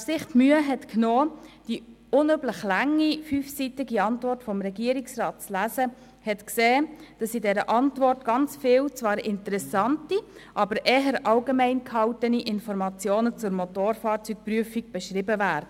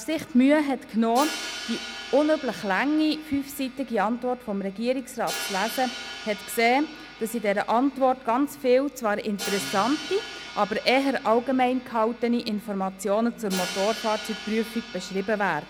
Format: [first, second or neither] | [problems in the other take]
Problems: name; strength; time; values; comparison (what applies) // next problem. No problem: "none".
first | background sound (Crash cymbal); 13 dB below the speech